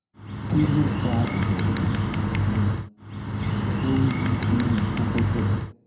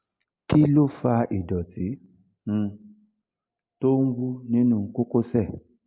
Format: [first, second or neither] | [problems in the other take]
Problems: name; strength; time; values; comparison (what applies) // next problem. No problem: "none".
second | background sound (Bird); 4 dB above the speech // room echo; dies away in 0.8 s